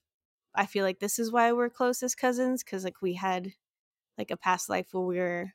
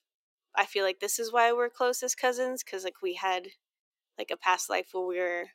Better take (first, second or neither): first